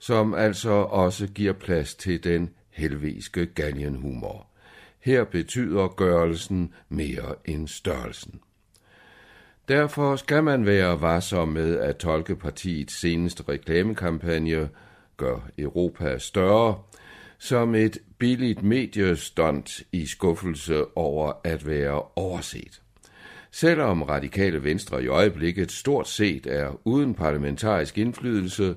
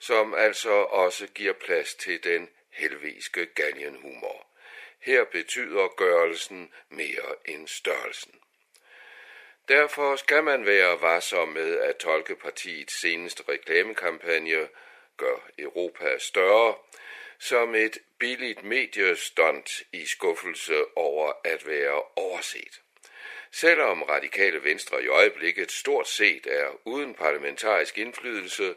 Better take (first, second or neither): first